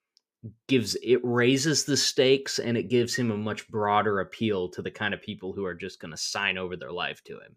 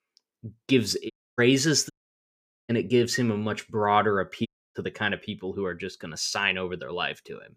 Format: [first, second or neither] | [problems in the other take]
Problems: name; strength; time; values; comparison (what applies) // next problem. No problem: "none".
first | audio cutting out; at 1 s, at 2 s for 1 s and at 4.5 s